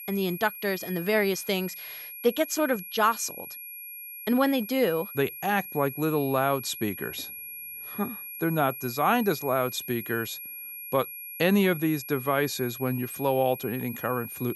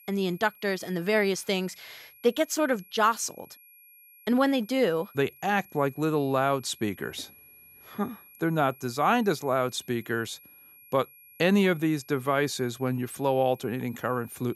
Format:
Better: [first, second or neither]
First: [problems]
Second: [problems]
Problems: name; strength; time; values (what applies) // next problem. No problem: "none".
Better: second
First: high-pitched whine; loud; throughout; 11.5 kHz, 10 dB below the speech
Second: high-pitched whine; faint; throughout; 11.5 kHz, 25 dB below the speech